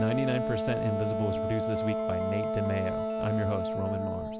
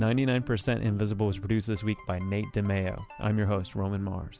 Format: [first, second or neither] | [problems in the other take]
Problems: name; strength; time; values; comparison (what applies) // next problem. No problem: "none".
second | background sound (Wind instrument, woodwind instrument); 1 dB above the speech